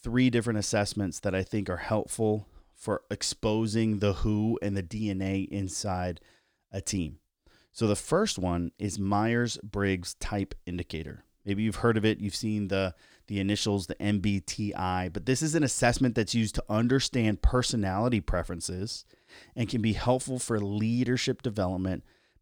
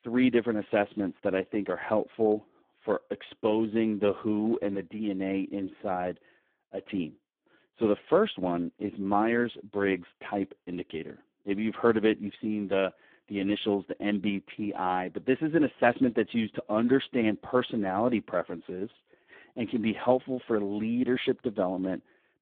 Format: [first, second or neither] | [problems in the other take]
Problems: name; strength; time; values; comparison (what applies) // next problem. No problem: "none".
first | phone-call audio; poor line